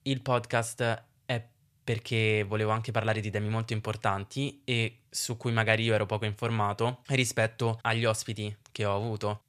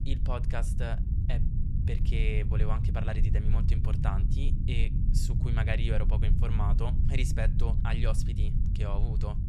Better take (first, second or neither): first